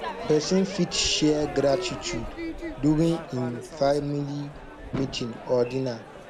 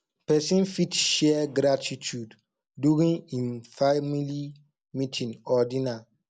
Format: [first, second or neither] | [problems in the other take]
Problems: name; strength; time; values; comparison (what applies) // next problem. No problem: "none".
second | background sound (Crowd / Fireworks); 10 dB below the speech